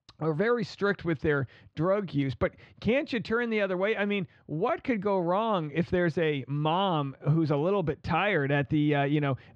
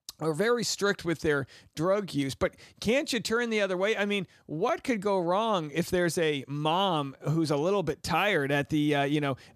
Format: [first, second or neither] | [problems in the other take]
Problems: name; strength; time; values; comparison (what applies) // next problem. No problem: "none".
second | muffled; slightly; fading above 3 kHz